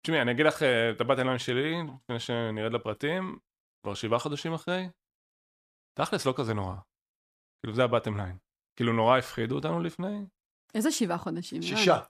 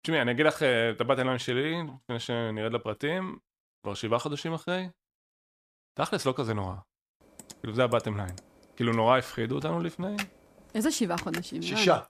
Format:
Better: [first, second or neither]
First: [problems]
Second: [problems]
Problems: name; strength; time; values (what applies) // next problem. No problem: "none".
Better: first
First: none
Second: keyboard typing; noticeable; from 7.5 to 11 s; peak 9 dB below the speech